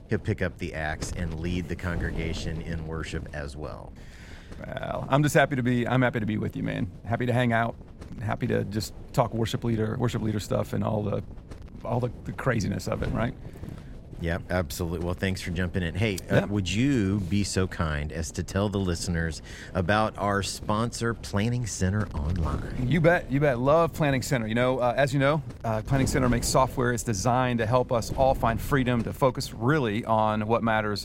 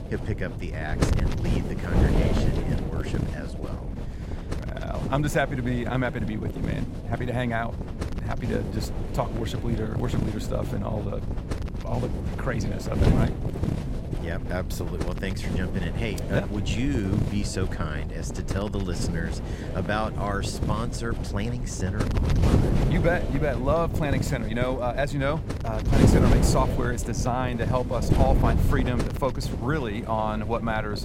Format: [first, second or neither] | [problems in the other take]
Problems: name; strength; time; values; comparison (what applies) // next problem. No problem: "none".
first | wind noise on the microphone; heavy; 5 dB below the speech; occasional gusts in the first